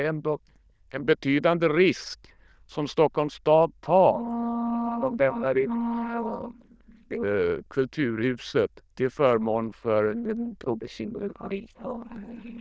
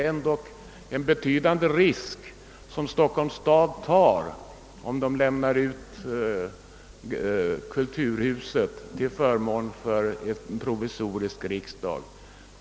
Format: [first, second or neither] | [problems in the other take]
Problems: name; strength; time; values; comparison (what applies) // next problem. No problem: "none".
second | noise reduction (neural diffusion model UNIVERSE++)